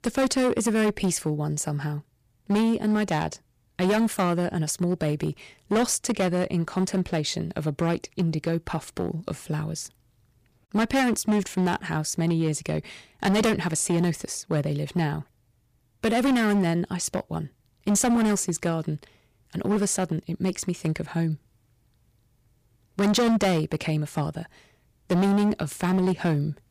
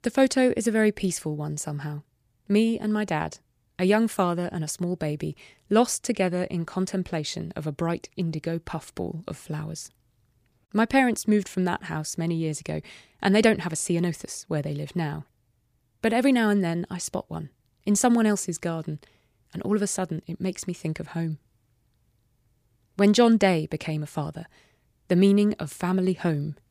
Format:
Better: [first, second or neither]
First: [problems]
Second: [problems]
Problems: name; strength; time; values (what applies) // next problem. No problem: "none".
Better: second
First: distortion; heavy; 10% of the sound clipped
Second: none